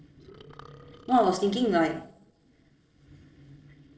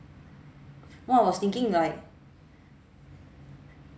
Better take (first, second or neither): second